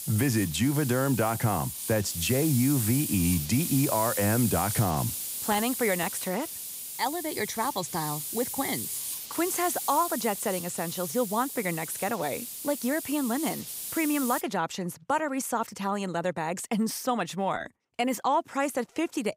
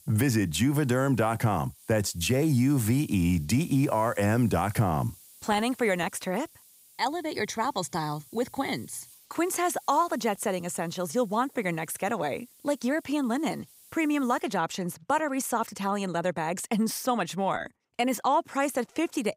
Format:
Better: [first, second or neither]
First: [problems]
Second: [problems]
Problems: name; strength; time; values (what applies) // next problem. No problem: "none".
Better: second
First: hiss; loud; until 14 s; 4 dB below the speech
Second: hiss; faint; until 14 s; 25 dB below the speech